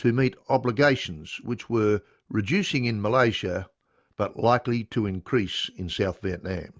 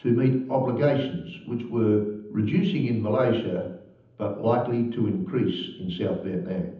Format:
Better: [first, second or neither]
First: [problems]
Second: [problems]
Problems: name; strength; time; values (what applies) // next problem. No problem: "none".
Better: first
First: none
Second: room echo; dies away in 0.8 s